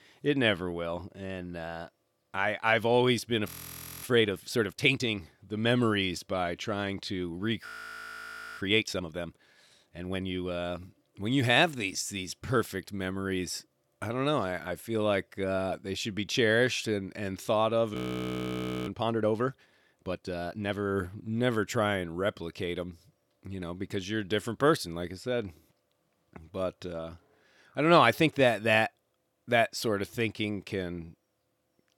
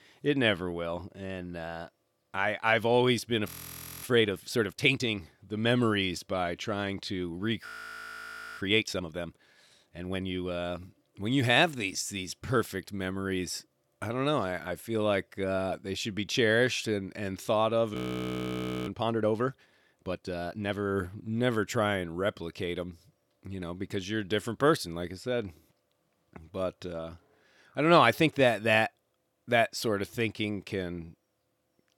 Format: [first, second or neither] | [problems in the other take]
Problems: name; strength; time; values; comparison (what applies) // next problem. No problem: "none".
neither | audio freezing; at 3.5 s for 0.5 s, at 7.5 s for 1 s and at 18 s for 1 s; the same in both